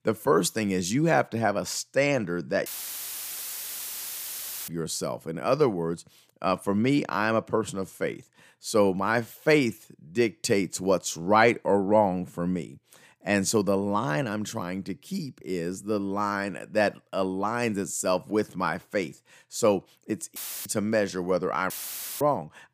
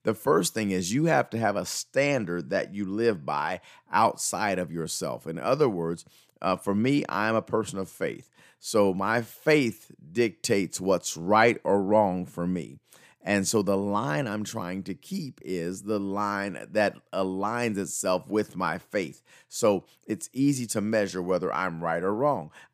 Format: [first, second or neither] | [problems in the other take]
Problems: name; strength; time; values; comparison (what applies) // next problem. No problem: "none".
second | audio cutting out; filled with static; at 2.5 s for 2 s, at 20 s and at 22 s for 0.5 s